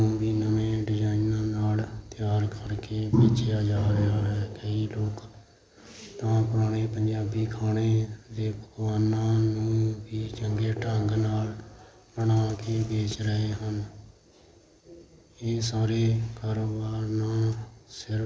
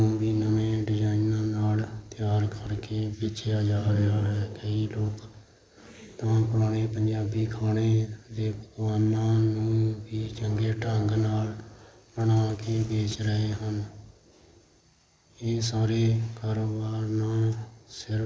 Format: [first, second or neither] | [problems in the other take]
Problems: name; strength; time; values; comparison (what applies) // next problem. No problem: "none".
first | noise reduction (neural mask model Resemble Enhance denoiser)